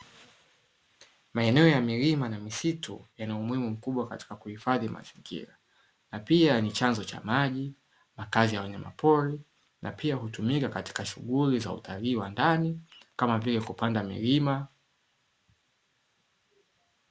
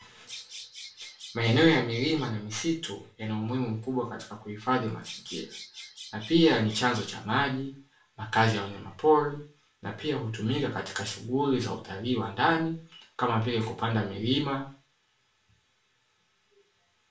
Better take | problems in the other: first | background sound (Bird vocalization, bird call, bird song); 15 dB below the speech // room echo; dies away in 0.3 s

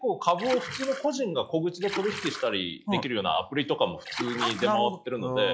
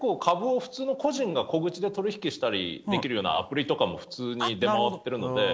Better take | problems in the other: second | noise reduction (classical method log-MMSE)

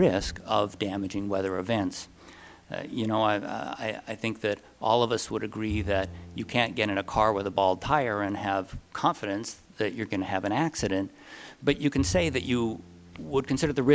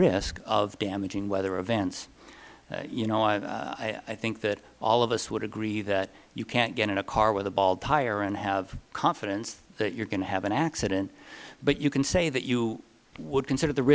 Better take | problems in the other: second | background sound (Bowed string instrument); 17 dB below the speech

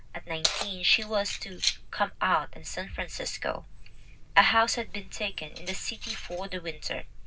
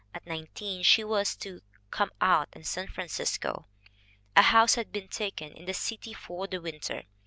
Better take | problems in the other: second | background sound (Keys jangling); 6 dB below the speech // room echo; dies away in 0.4 s

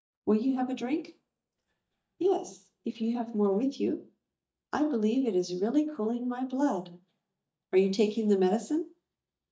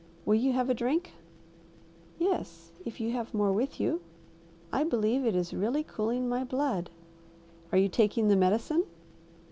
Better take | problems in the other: second | noise reduction (neural mask model DeepFilterNet 3)

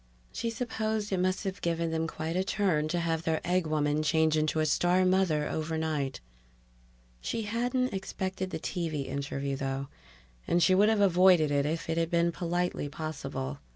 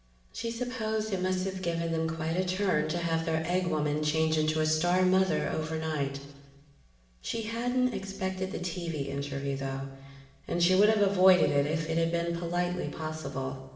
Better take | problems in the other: first | room echo; dies away in 1.1 s

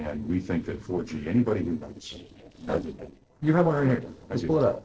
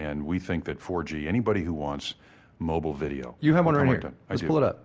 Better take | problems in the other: second | noise reduction (neural separator model SepFormer DNS4)

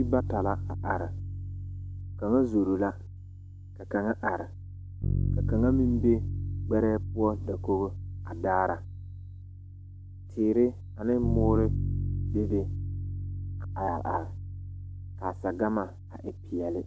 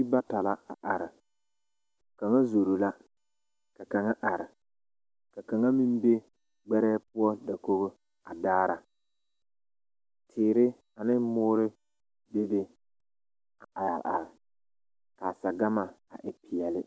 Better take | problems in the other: second | background sound (Bass guitar); 3 dB below the speech

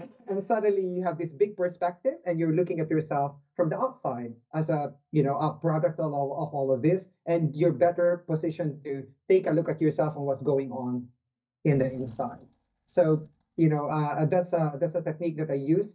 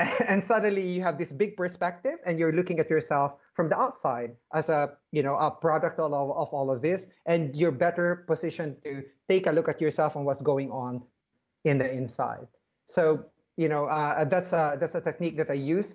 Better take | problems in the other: second | noise reduction (neural mask model DeepFilterNet 3)

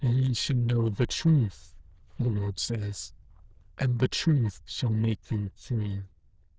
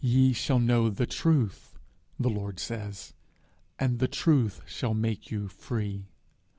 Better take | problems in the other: second | noise reduction (neural diffusion model UNIVERSE++)

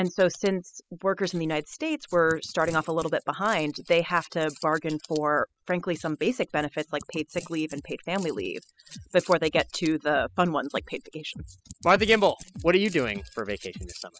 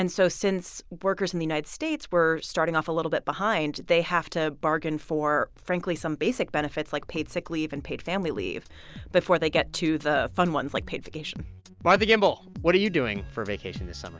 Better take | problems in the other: second | noise reduction (classical method spectral subtraction)

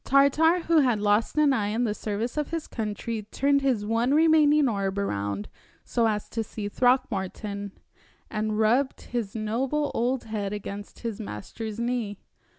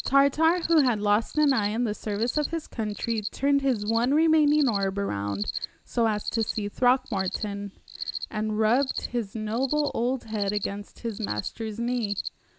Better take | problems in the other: first | background sound (Cricket); 11 dB below the speech

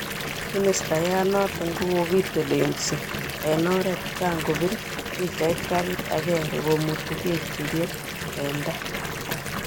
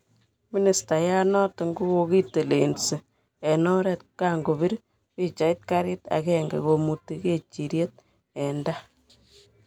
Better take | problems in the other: second | background sound (Fill (with liquid) / Bathtub (filling or washing) / Water tap, faucet); 5 dB below the speech

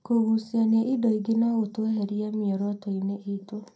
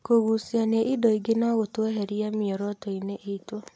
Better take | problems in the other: second | room echo; dies away in 0.2 s

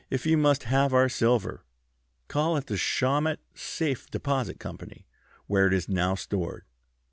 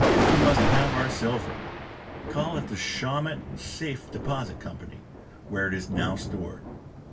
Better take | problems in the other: first | background sound (Thunder); 2 dB above the speech // room echo; dies away in 0.2 s

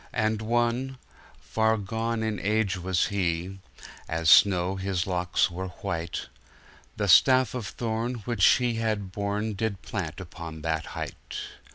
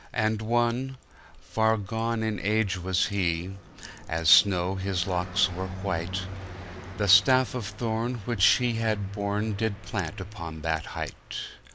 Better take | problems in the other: first | background sound (Car passing by); 14 dB below the speech

